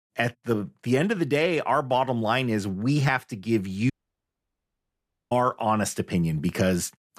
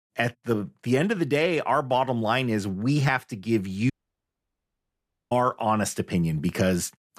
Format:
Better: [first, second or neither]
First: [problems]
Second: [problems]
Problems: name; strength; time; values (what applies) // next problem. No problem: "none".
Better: neither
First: audio cutting out; at 4 s for 1.5 s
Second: audio cutting out; at 4 s for 1.5 s